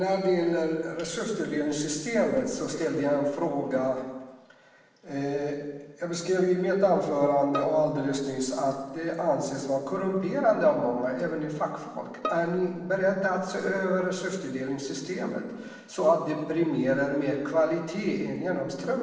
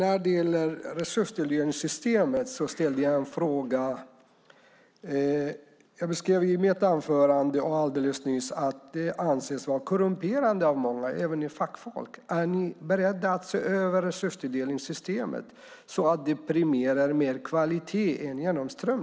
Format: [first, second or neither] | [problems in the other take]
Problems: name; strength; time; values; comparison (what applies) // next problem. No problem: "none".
second | background sound (Bowed string instrument); 12 dB below the speech // room echo; dies away in 1.1 s